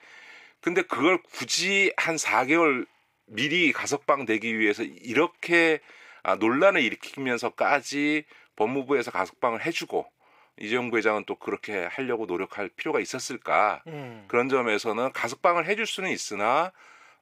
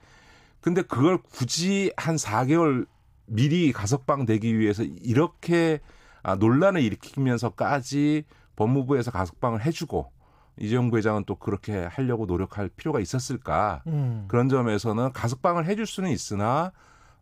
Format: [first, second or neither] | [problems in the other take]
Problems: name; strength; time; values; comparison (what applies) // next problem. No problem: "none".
second | thin; somewhat; fading below 400 Hz